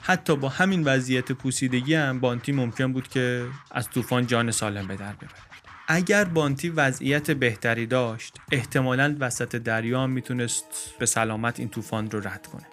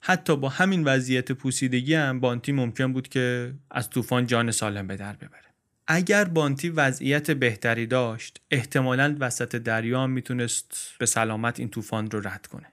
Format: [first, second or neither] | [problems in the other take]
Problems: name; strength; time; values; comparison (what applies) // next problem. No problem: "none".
second | background music; faint; throughout; 20 dB below the speech